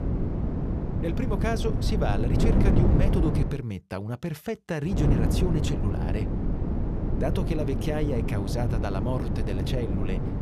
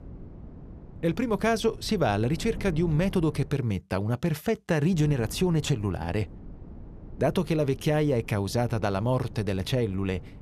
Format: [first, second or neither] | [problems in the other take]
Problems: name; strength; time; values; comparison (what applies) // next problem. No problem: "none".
second | wind noise on the microphone; heavy; until 3.5 s and from 5 s on; 1 dB below the speech; occasional gusts in the second